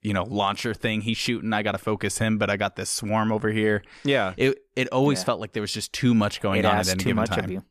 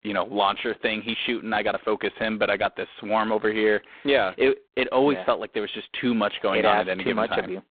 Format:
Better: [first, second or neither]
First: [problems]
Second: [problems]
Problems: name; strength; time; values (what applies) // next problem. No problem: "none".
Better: first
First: none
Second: phone-call audio; poor line; nothing above 3.5 kHz